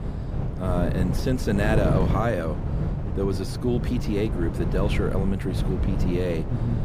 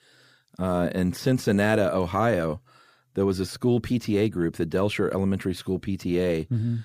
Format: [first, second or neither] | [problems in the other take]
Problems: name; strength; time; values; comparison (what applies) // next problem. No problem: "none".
second | wind noise on the microphone; heavy; 6 dB below the speech